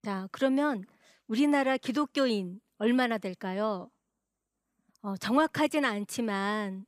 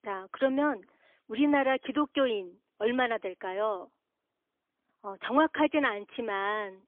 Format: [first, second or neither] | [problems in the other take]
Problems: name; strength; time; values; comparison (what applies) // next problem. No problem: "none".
first | phone-call audio; poor line; nothing above 3.5 kHz